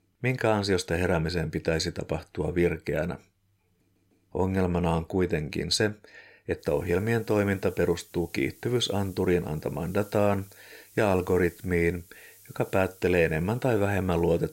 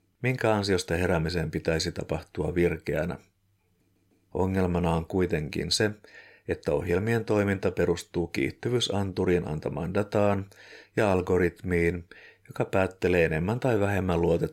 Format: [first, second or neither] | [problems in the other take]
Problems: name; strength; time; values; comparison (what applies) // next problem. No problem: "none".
second | hiss; faint; from 6.5 s on; 25 dB below the speech